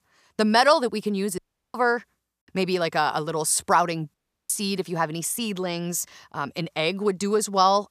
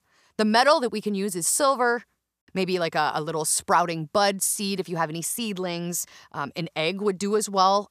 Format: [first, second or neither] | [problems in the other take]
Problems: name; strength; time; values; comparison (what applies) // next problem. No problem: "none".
second | audio cutting out; at 1.5 s and at 4 s